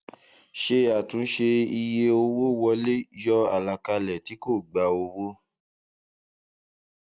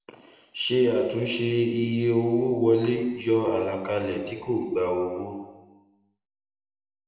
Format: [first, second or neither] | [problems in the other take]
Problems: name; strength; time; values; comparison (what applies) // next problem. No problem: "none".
first | room echo; dies away in 1.1 s